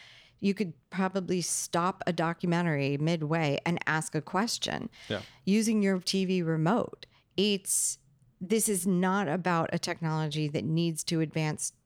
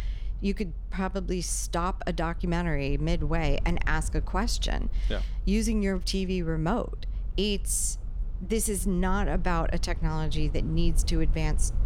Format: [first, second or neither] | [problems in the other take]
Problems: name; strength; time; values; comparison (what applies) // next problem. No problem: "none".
first | low rumble; faint; throughout; 20 dB below the speech